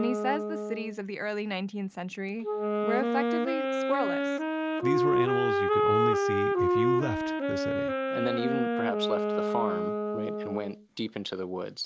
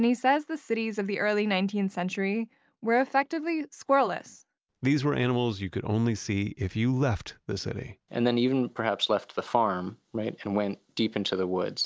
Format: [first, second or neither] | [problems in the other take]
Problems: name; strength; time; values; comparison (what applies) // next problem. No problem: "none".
second | background sound (Wind instrument, woodwind instrument); 5 dB above the speech